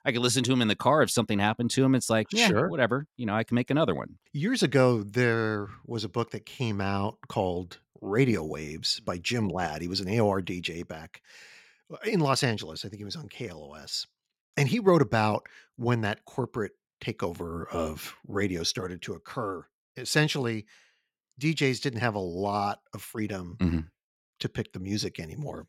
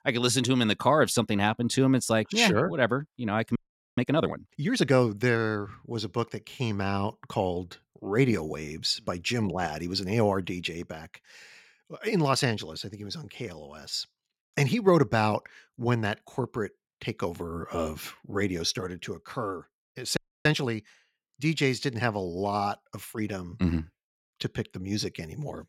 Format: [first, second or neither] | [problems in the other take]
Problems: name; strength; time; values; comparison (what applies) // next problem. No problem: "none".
first | audio freezing; at 3.5 s and at 20 s